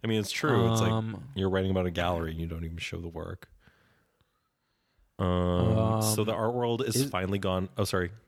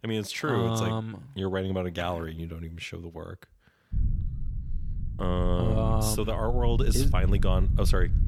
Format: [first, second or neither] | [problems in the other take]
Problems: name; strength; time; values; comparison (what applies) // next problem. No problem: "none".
first | low rumble; noticeable; from 4 s on; 15 dB below the speech